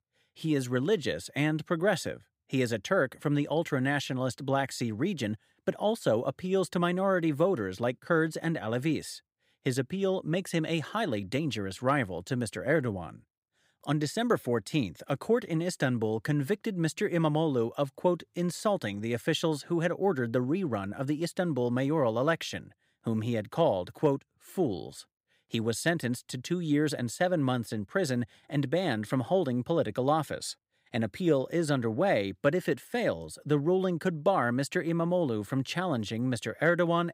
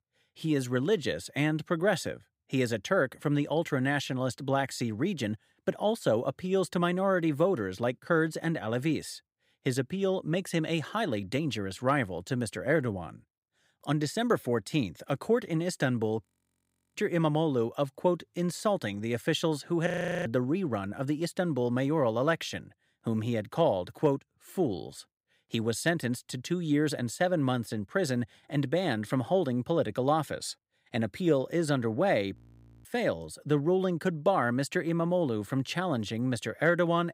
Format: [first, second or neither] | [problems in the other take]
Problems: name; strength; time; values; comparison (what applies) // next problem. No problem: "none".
first | audio freezing; at 16 s for 0.5 s, at 20 s and at 32 s for 0.5 s